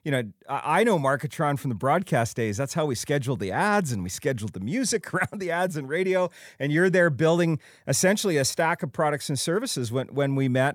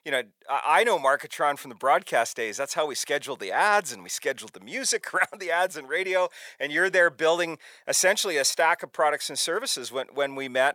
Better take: first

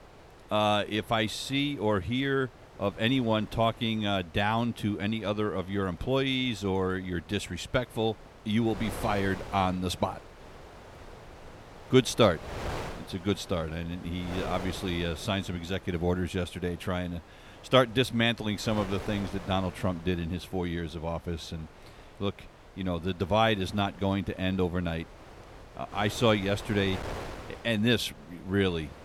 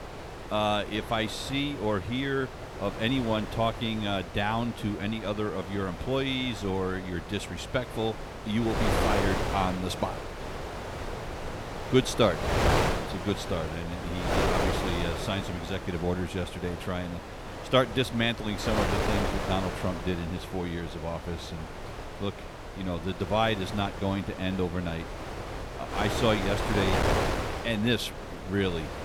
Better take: first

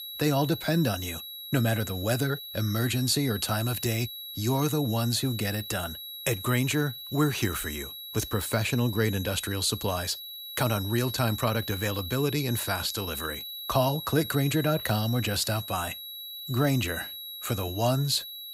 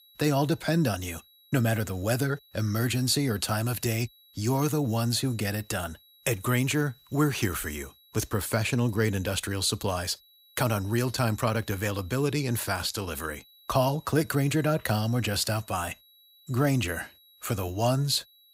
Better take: second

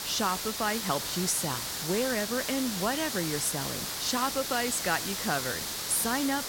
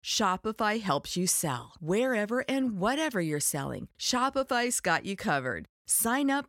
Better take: second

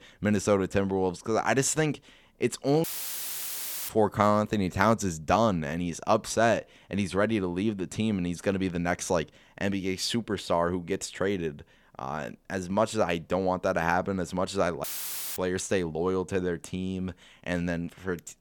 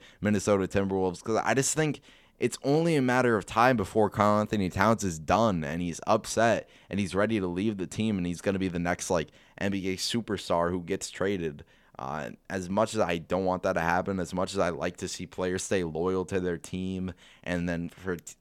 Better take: second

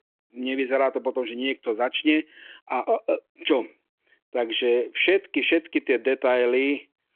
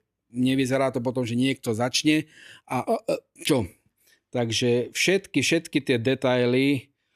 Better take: second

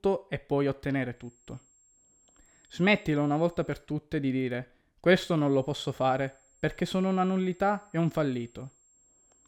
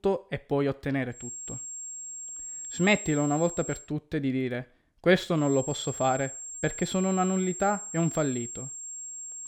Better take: first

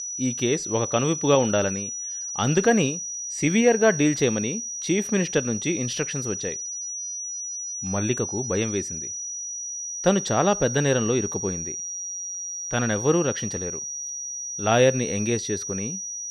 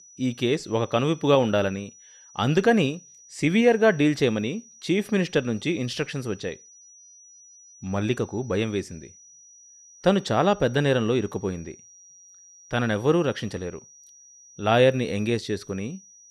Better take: second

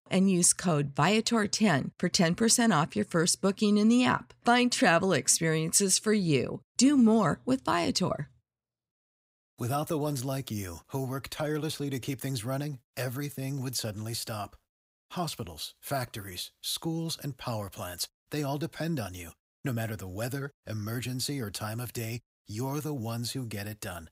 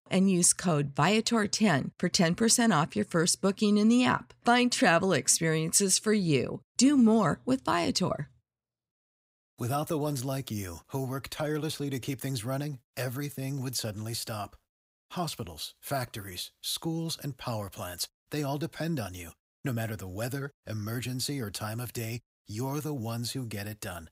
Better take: neither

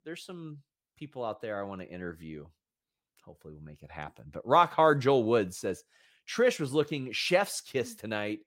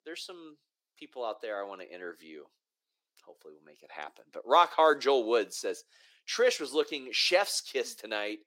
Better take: first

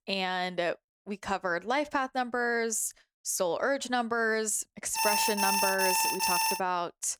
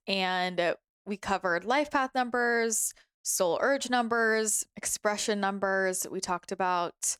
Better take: second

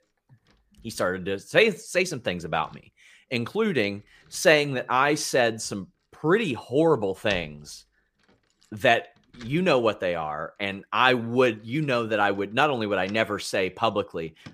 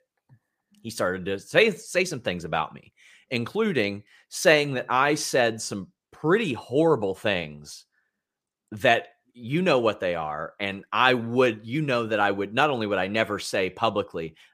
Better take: second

